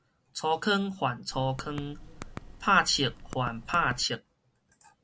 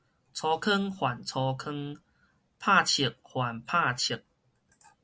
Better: second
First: background sound (Typing); 13 dB below the speech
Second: none

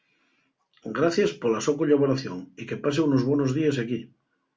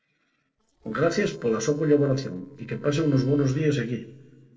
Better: first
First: none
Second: noise reduction (neural separator model SepFormer DNS4)

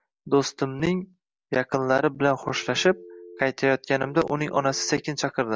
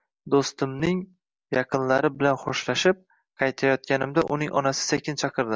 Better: second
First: background sound (Telephone); 18 dB below the speech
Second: none

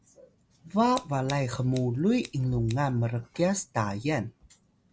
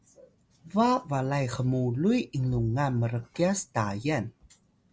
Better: second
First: background sound (Scissors); 19 dB below the speech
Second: none

